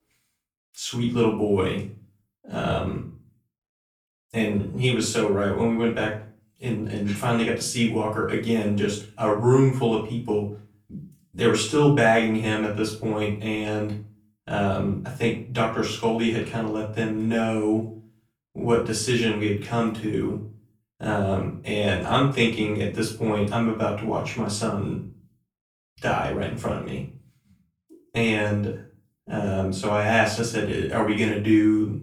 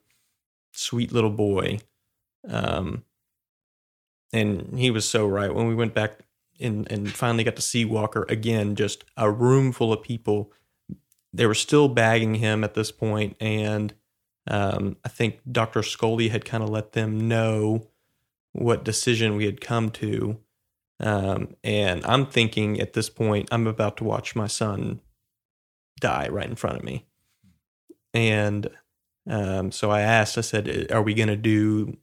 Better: second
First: off-mic speech; far // room echo; slight; dies away in 0.4 s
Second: none

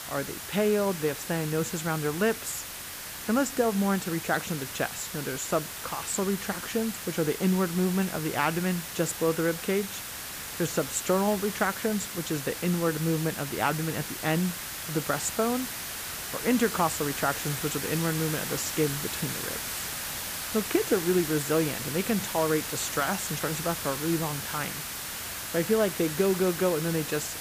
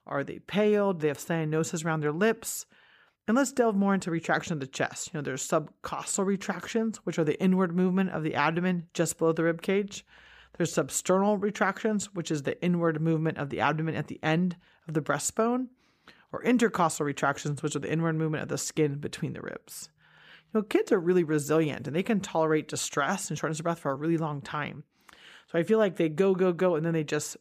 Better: second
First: hiss; loud; throughout; 5 dB below the speech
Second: none

